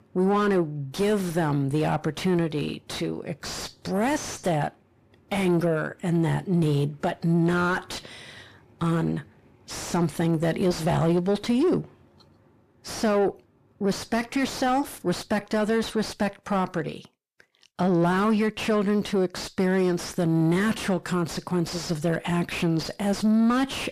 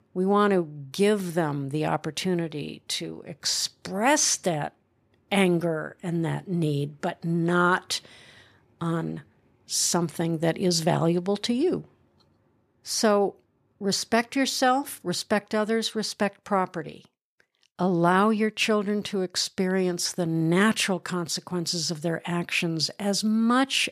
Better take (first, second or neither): second